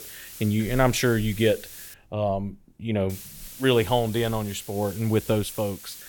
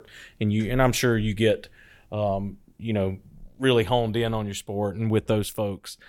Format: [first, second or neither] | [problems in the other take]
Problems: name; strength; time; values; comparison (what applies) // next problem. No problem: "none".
second | hiss; noticeable; until 2 s and from 3 s on; 15 dB below the speech